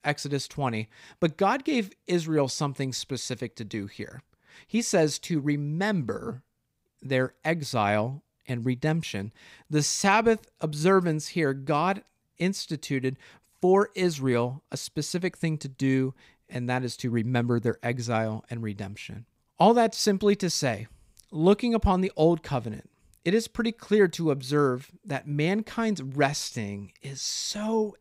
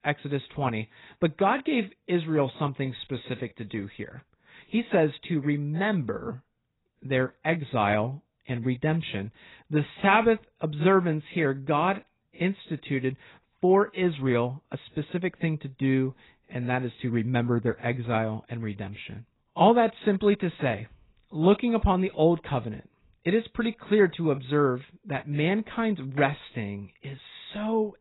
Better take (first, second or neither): first